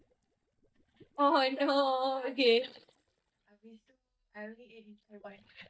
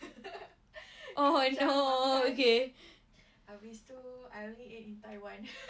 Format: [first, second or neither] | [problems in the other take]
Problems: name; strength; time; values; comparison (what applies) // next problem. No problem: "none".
second | noise reduction (neural mask model DeepFilterNet 3)